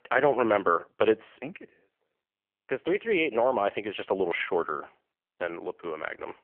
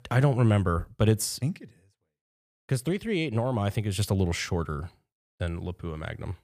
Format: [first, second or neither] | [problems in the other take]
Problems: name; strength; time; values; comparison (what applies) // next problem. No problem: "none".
second | phone-call audio; poor line; nothing above 3 kHz